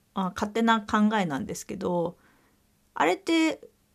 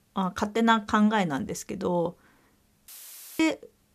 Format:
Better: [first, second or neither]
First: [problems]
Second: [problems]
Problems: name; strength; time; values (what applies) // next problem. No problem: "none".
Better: first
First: none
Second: audio cutting out; filled with static; at 3 s for 0.5 s